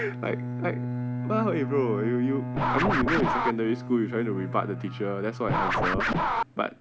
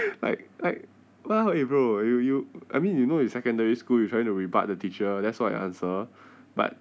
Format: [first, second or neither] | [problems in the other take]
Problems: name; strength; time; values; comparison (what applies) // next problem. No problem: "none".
second | background sound (Scratching (performance technique) + Bowed string instrument); as loud as the speech